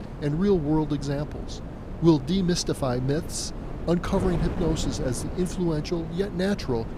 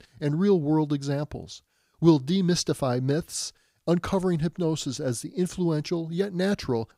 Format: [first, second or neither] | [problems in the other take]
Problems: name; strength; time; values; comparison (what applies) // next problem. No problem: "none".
second | wind noise on the microphone; occasional gusts; 10 dB below the speech